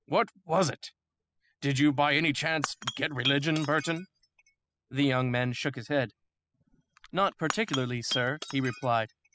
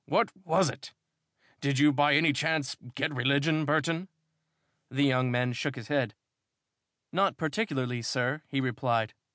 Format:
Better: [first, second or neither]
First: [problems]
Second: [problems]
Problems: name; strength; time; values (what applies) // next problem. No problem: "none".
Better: second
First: noise reduction (classical method spectral subtraction)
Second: none